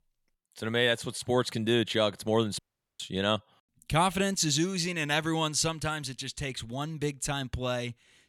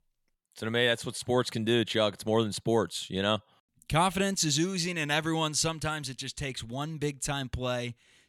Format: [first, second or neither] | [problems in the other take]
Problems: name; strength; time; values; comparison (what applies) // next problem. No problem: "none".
second | audio cutting out; at 2.5 s